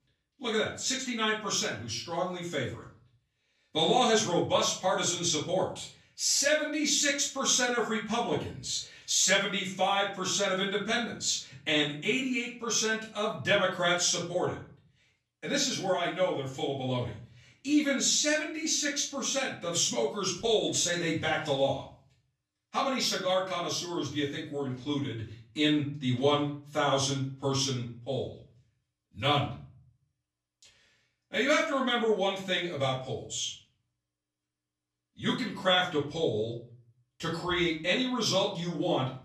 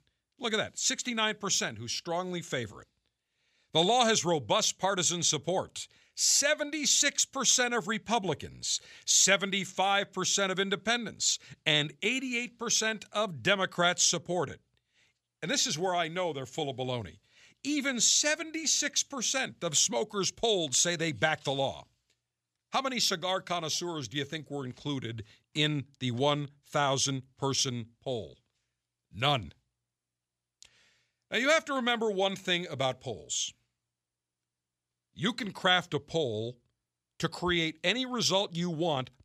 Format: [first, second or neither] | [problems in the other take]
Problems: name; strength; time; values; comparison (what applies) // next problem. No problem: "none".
second | off-mic speech; far // room echo; slight; dies away in 0.4 s